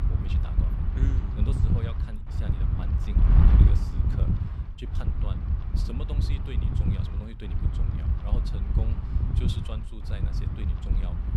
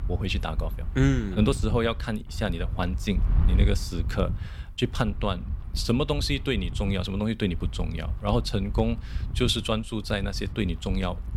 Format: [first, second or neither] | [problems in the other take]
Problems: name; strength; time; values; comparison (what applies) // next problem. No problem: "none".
second | wind noise on the microphone; heavy; 4 dB above the speech; occasional gusts in the second